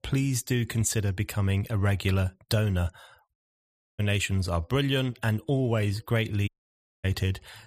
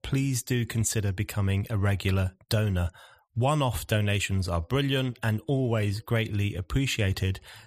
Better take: second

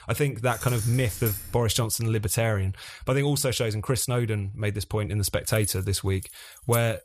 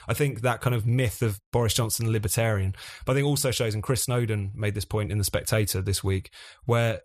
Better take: second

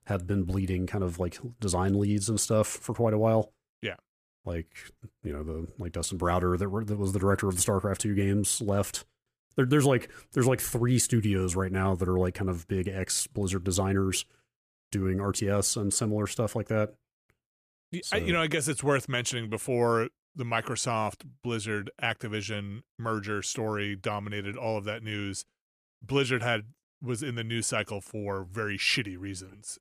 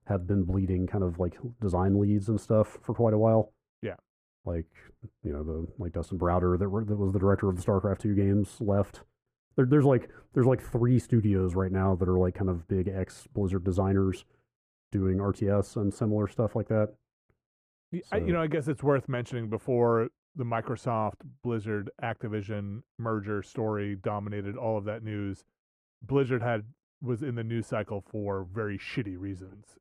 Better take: first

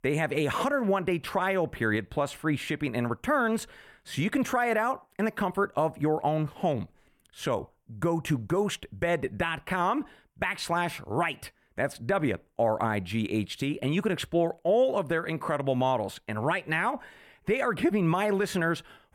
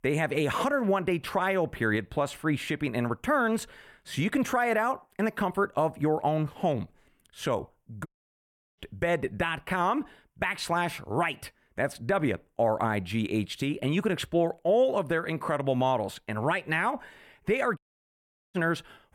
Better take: first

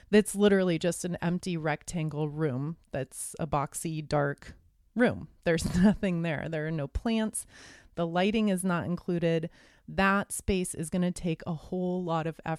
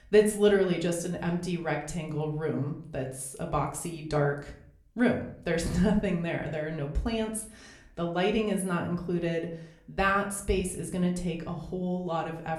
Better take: first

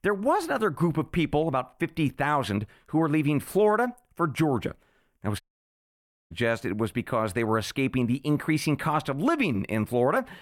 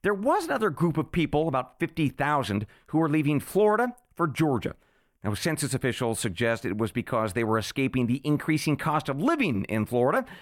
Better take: second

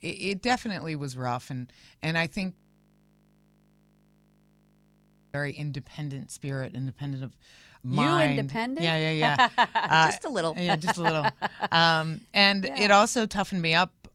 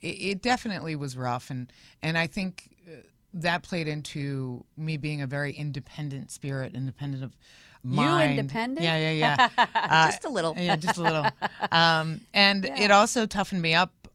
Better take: second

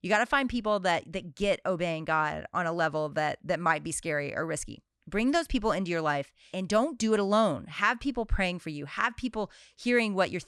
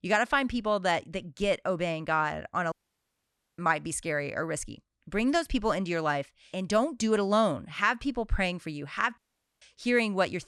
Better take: first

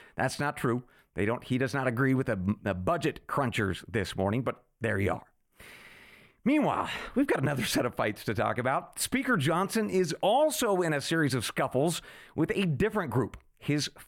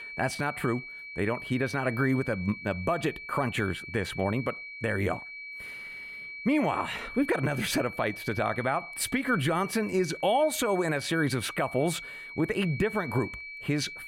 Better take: first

